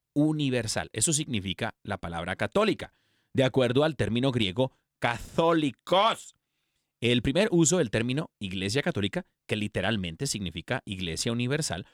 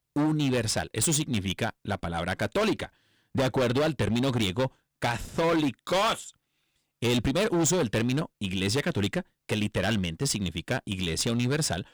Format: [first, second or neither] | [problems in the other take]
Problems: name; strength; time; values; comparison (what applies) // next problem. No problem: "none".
first | distortion; heavy; 14% of the sound clipped